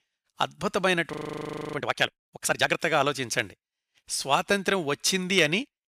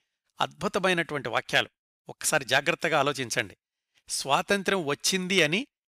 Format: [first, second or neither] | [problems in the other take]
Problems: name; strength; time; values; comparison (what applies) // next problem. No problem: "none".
second | audio freezing; at 1 s for 0.5 s